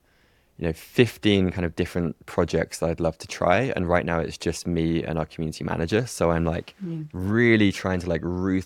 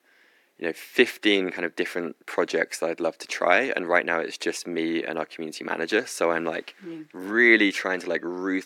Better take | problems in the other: first | thin; somewhat; fading below 300 Hz

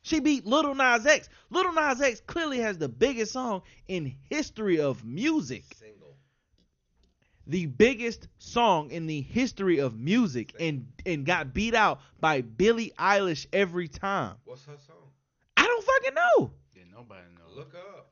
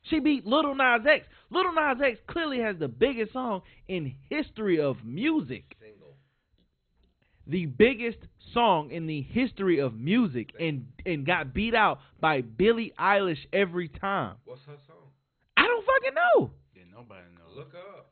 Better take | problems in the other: first | garbled, watery; badly; nothing above 4 kHz; slightly in the first

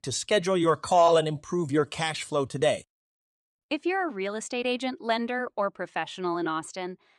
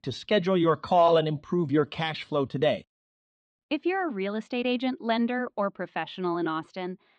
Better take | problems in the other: first | muffled; slightly; fading above 4 kHz

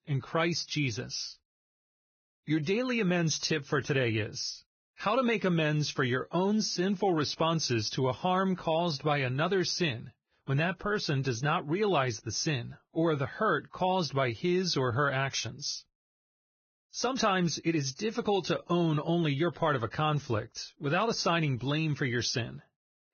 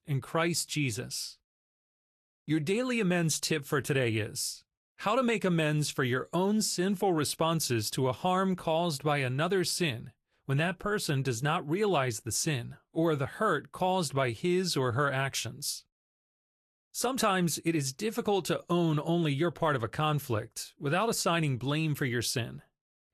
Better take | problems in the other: second | garbled, watery; badly; nothing above 6.5 kHz; slightly in the second

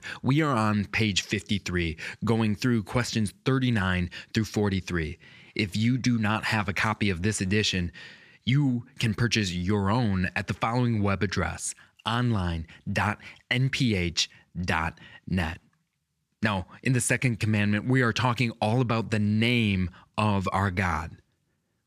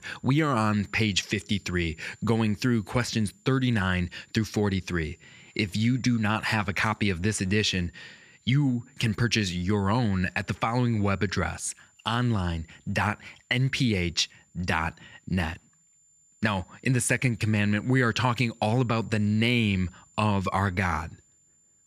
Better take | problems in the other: first | high-pitched whine; faint; throughout; 7 kHz, 35 dB below the speech

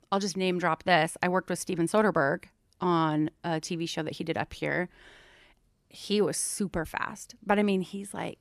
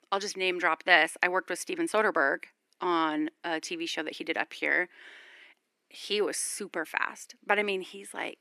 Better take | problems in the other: first | thin; somewhat; fading below 300 Hz

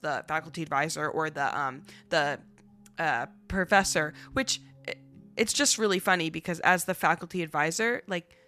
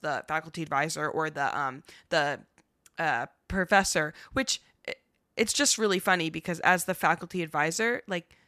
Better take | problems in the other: second | background music; faint; throughout; 30 dB below the speech

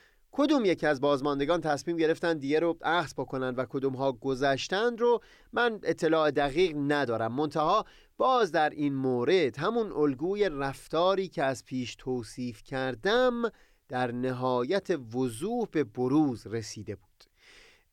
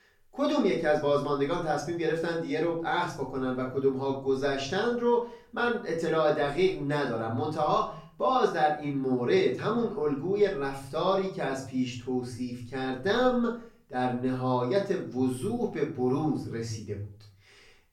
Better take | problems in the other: first | off-mic speech; far // room echo; slight; dies away in 0.5 s

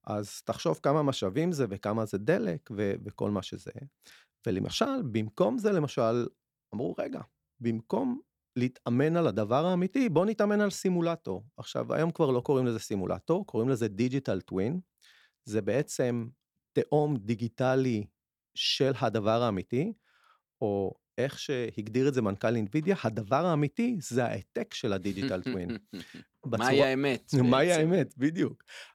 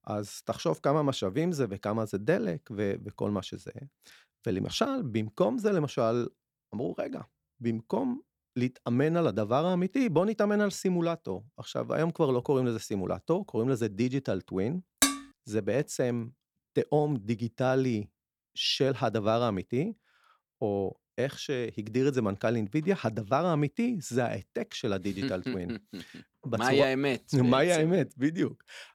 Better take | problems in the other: first | clattering dishes; loud; at 15 s; peak 3 dB above the speech

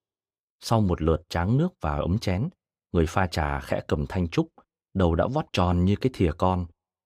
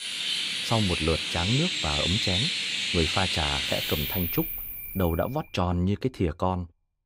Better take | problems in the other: first | animal sounds; very loud; until 5 s; 2 dB above the speech

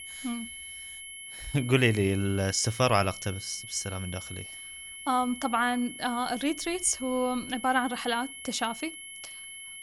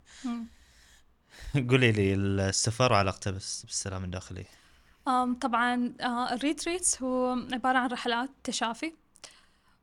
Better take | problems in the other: second | high-pitched whine; noticeable; throughout; 2 kHz, 10 dB below the speech

